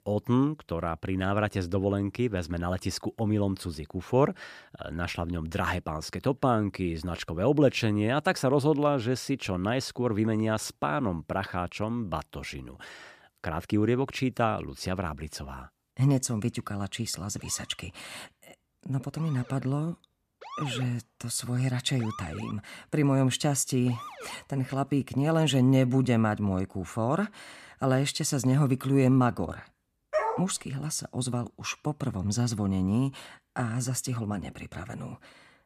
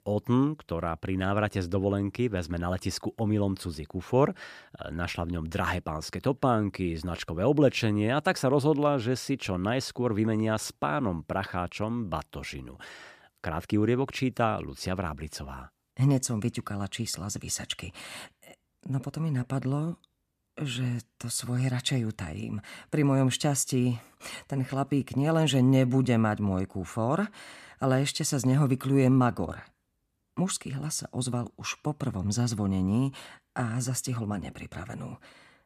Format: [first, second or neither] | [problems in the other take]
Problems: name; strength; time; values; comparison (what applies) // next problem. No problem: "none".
second | siren; faint; from 17 to 24 s; peak 10 dB below the speech // dog barking; noticeable; at 30 s; peak 1 dB below the speech